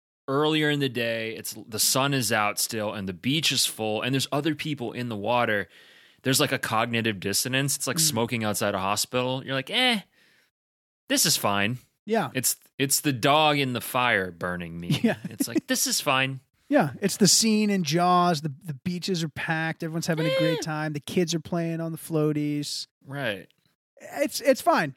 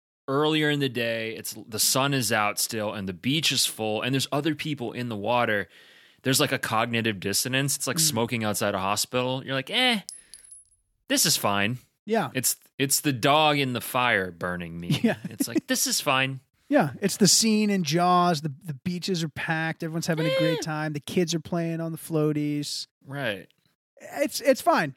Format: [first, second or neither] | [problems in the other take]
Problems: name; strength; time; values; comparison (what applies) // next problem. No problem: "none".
first | clattering dishes; faint; at 10 s; peak 15 dB below the speech